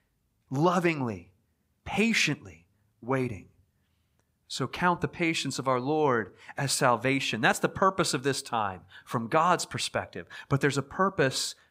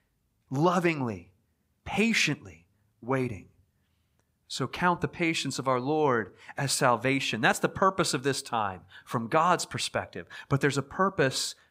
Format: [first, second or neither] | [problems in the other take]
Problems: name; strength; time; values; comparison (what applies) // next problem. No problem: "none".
neither | none